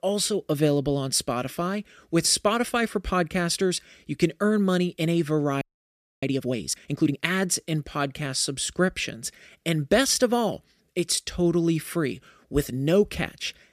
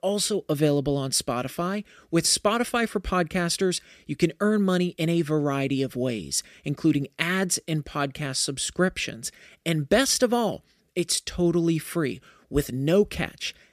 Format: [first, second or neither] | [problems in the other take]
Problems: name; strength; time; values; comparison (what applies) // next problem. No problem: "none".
second | audio freezing; at 5.5 s for 0.5 s